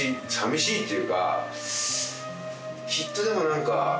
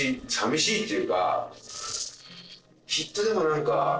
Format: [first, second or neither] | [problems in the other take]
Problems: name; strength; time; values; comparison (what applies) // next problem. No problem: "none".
first | noise reduction (neural separator model SepFormer DNS4)